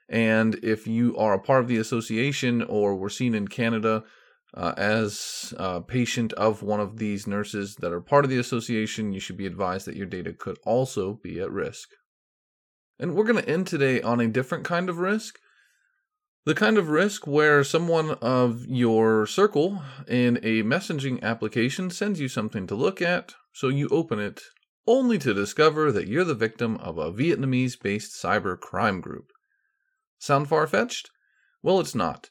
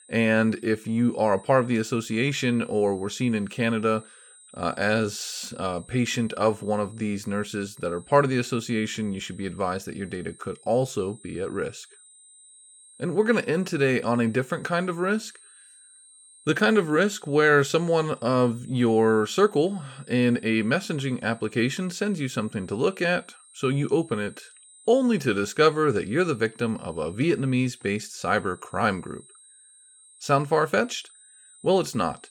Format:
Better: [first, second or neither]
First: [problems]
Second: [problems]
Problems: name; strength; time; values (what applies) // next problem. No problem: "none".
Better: first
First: none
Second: high-pitched whine; faint; throughout; 8 kHz, 25 dB below the speech